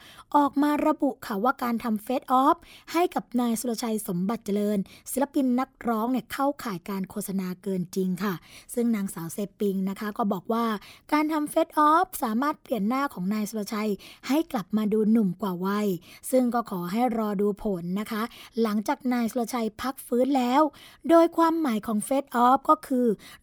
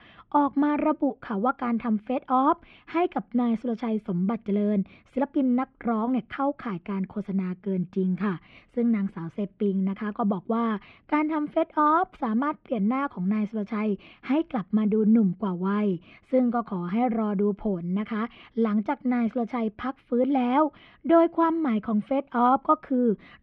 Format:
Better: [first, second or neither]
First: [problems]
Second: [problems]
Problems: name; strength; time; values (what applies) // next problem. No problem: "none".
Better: first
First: none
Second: muffled; very; fading above 2.5 kHz